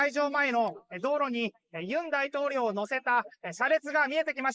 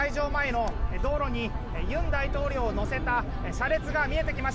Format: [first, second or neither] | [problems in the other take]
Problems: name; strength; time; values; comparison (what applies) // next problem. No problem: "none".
second | noise reduction (neural mask model Resemble Enhance denoiser)